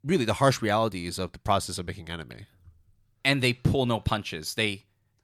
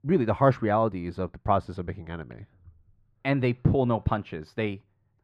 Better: first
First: none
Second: muffled; very; fading above 3.5 kHz

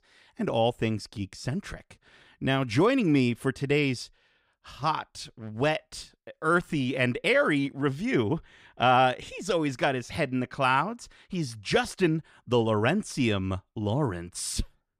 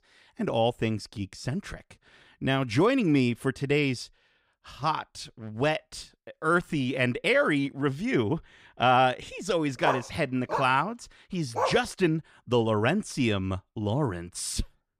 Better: first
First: none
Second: dog barking; noticeable; from 10 to 12 s; peak 3 dB below the speech

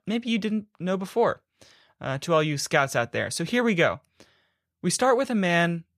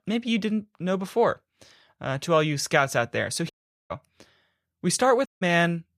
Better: first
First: none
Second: audio cutting out; at 3.5 s and at 5.5 s

